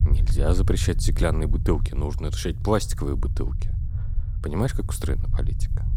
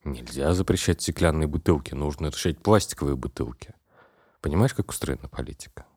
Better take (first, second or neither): second